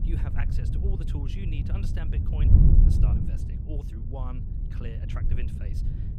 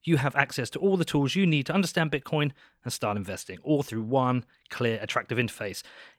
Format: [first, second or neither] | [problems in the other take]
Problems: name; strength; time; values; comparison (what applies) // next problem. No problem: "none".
second | wind noise on the microphone; heavy; 3 dB above the speech